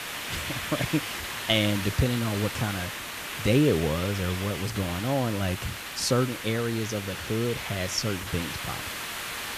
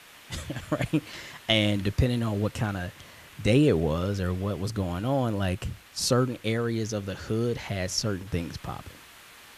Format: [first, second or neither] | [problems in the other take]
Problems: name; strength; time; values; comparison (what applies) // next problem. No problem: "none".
second | hiss; loud; throughout; 5 dB below the speech; faint in the second